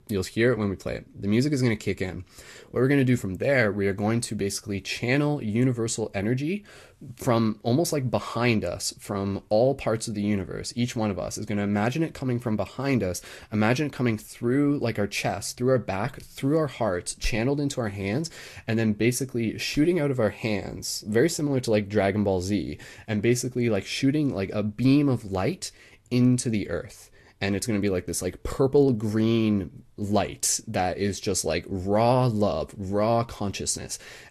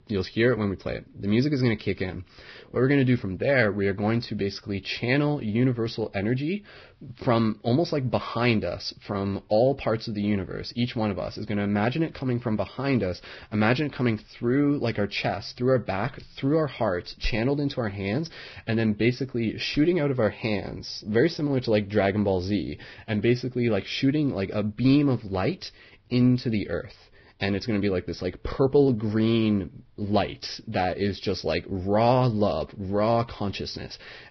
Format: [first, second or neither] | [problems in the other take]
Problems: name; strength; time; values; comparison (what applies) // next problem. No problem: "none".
first | garbled, watery; badly; nothing above 5.5 kHz; slightly in the first